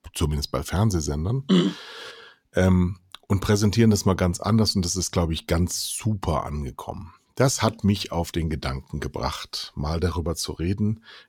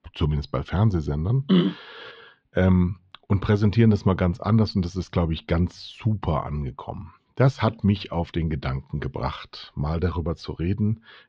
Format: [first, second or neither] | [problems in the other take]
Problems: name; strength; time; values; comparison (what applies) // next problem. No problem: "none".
first | muffled; slightly; fading above 3.5 kHz